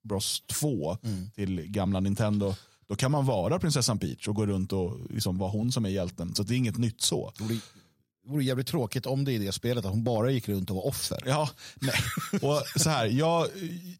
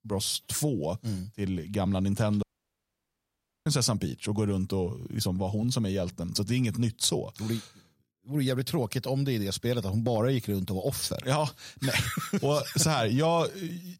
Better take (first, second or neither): first